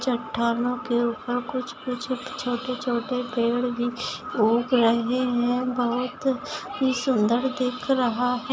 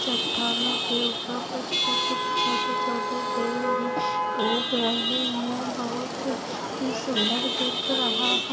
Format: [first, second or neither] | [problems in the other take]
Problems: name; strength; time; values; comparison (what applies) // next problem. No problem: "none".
first | background sound (Chatter / Traffic noise, roadway noise / Vehicle horn, car horn, honking / Engine); 4 dB above the speech